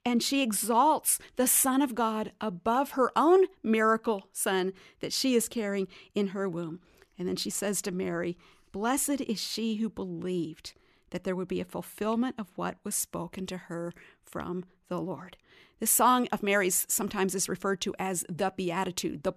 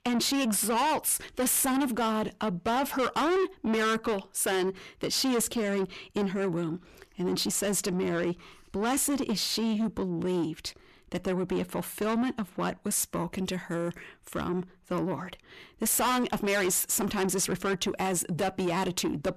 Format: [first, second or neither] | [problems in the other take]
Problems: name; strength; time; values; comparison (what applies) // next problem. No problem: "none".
first | distortion; heavy; 6 dB below the speech